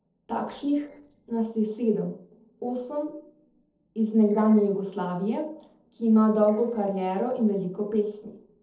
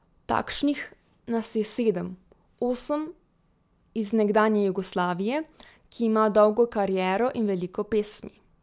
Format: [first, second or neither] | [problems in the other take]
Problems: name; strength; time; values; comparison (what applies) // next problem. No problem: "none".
second | noise reduction (neural separator model SepFormer DNS4)